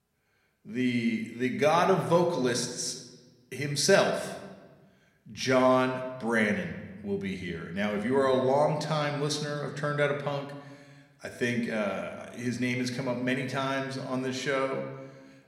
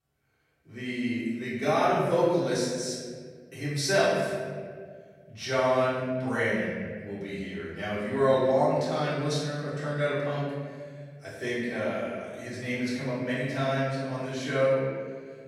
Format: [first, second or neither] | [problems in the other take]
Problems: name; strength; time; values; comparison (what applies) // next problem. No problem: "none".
first | room echo; strong; dies away in 1.9 s; slight in the first // off-mic speech; far